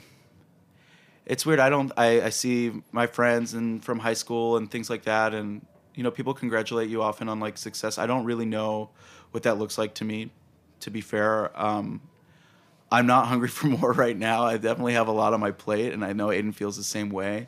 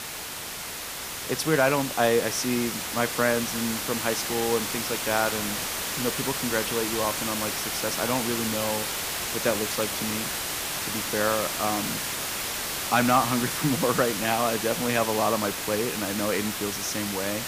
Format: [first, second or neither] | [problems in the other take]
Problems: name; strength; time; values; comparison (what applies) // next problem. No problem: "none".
first | hiss; loud; throughout; 1 dB below the speech